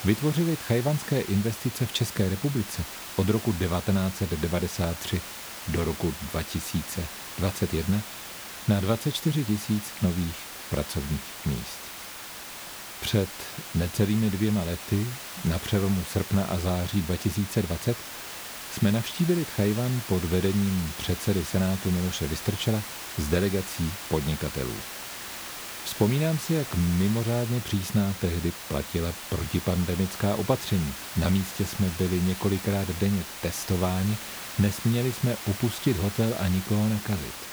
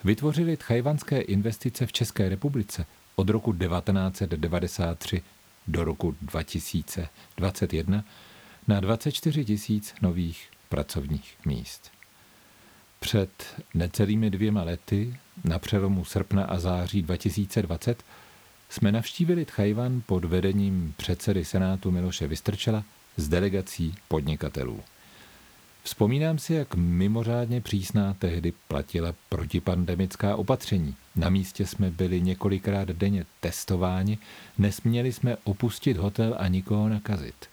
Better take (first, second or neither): second